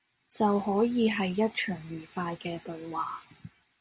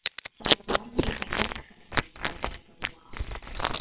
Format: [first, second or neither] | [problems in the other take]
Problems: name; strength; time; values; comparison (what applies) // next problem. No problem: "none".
first | noise reduction (neural separator model SepFormer WHAMR!)